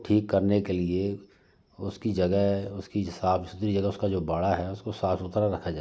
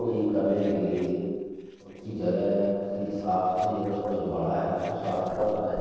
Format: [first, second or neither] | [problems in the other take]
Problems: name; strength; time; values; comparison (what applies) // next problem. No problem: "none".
first | noise reduction (neural separator model SepFormer DNS4)